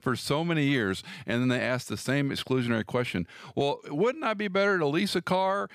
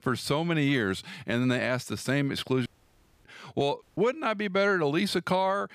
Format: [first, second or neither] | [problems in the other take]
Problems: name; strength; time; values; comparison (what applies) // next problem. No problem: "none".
first | audio cutting out; at 2.5 s for 0.5 s and at 4 s